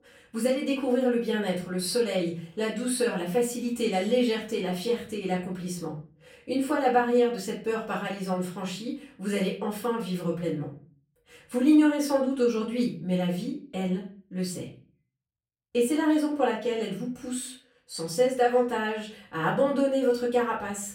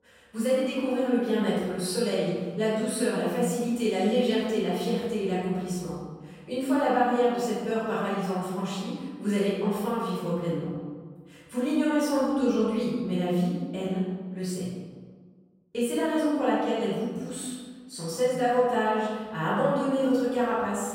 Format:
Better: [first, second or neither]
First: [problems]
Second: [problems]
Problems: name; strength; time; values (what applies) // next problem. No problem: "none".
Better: first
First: room echo; slight; dies away in 0.4 s // off-mic speech; far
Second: room echo; strong; dies away in 1.4 s // off-mic speech; far